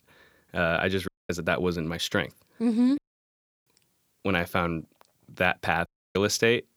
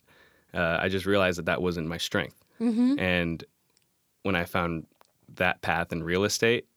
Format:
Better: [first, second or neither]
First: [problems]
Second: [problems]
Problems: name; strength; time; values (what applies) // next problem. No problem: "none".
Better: second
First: audio cutting out; at 1 s, at 3 s for 0.5 s and at 6 s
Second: none